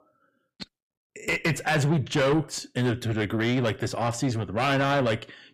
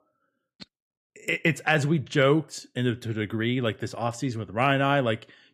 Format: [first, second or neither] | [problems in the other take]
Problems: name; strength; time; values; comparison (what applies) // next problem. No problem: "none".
second | distortion; heavy; 6 dB below the speech